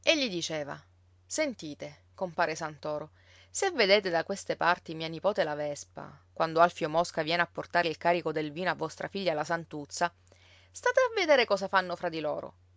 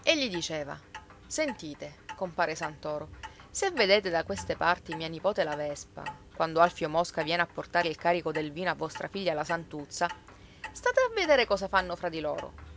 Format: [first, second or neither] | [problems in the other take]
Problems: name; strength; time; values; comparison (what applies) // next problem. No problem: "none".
first | background sound (Clock); 16 dB below the speech